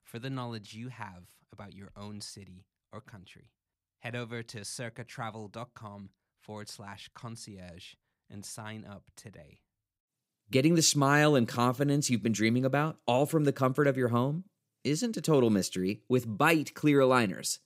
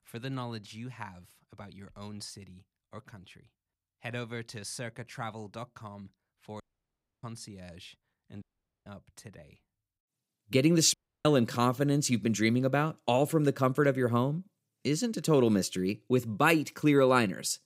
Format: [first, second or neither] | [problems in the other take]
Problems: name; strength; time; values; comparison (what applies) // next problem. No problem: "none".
first | audio cutting out; at 6.5 s for 0.5 s, at 8.5 s and at 11 s